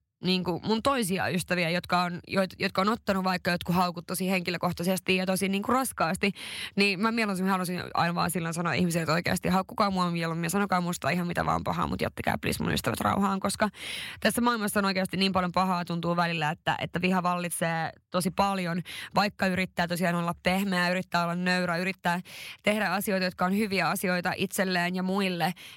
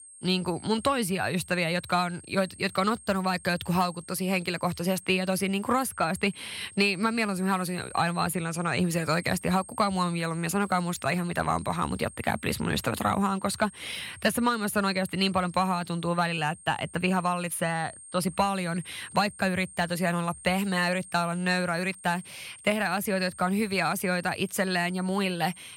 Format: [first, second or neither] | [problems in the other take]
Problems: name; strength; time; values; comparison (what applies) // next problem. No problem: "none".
first | high-pitched whine; noticeable; throughout; 8.5 kHz, 20 dB below the speech